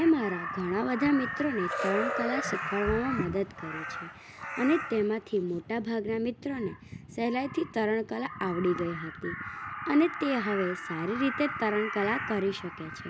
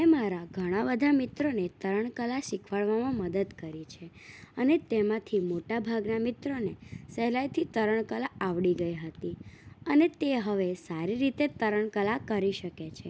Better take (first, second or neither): second